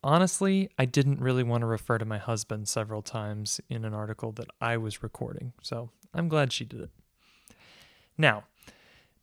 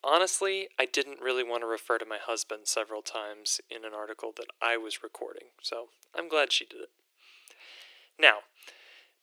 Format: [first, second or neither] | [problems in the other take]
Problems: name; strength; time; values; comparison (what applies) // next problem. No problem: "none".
first | thin; very; fading below 350 Hz